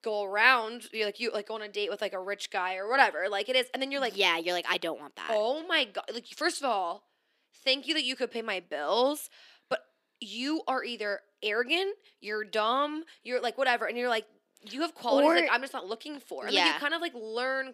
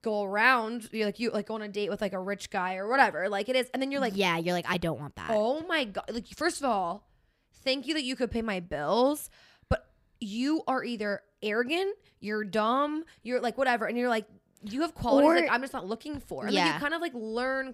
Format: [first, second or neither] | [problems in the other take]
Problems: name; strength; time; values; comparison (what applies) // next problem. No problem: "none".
second | thin; very slightly; fading below 300 Hz